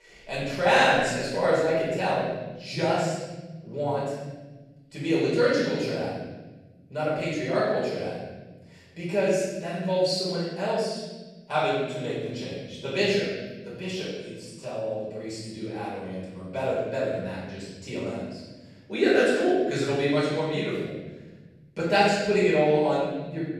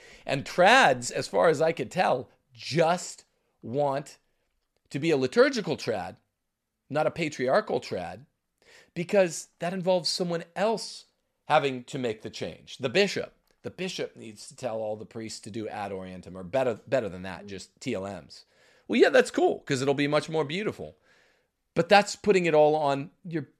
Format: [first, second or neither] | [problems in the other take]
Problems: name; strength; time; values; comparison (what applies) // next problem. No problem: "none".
second | off-mic speech; far // room echo; strong; dies away in 1.4 s